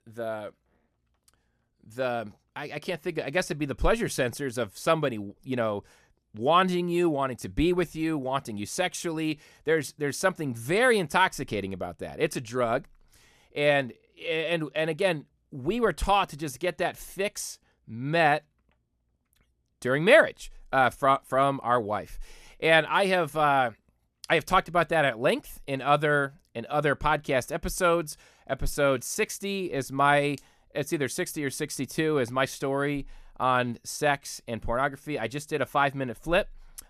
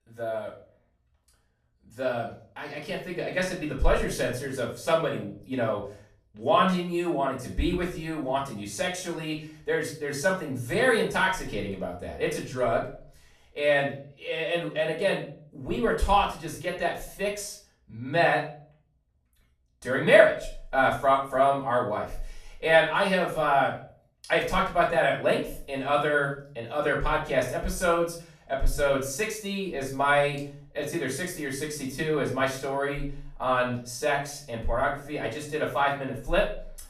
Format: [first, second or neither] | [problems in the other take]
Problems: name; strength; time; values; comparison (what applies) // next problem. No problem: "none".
first | off-mic speech; far // room echo; slight; dies away in 0.4 s